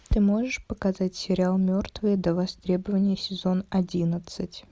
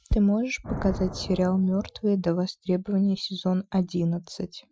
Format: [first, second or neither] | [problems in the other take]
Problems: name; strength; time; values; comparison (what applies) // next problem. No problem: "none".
first | noise reduction (classical method Wiener filter)